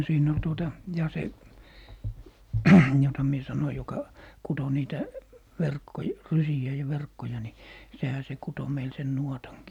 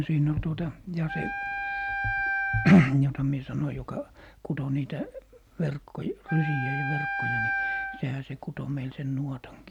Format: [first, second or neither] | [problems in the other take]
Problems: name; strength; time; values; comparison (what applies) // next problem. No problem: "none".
first | background sound (Wind instrument, woodwind instrument); 3 dB below the speech